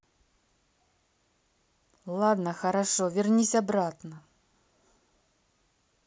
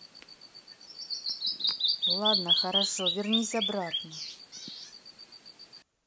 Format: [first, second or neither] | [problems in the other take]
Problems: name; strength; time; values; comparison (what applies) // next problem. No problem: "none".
first | background sound (Bird vocalization, bird call, bird song); 4 dB above the speech